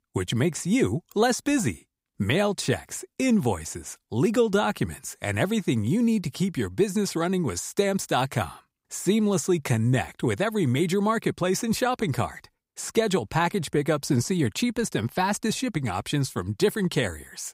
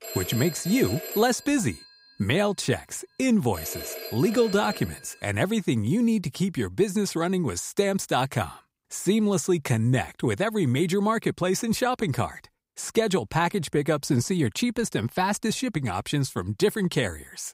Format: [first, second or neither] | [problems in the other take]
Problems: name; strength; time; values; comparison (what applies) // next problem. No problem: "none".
first | phone ringing; noticeable; until 5 s; peak 7 dB below the speech